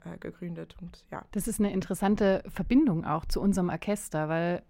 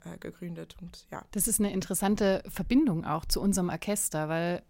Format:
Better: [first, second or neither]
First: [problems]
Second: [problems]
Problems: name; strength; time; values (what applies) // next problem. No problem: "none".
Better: second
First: muffled; slightly; fading above 3.5 kHz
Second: none